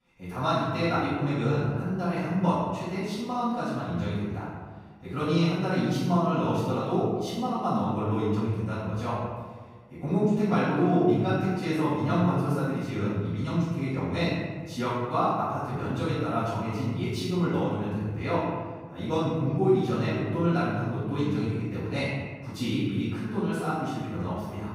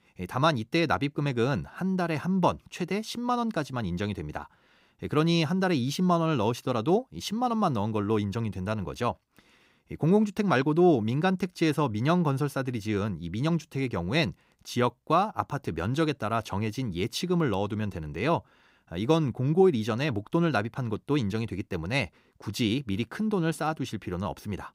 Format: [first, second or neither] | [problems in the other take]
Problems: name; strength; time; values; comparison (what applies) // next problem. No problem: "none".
second | off-mic speech; far // room echo; strong; dies away in 1.4 s